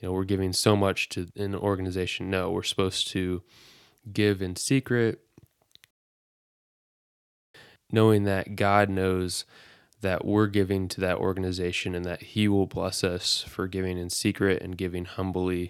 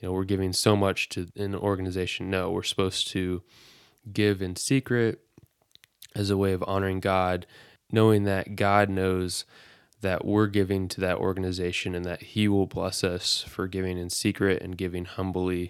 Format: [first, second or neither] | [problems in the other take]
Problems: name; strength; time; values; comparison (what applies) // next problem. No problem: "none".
second | audio cutting out; at 6 s for 1.5 s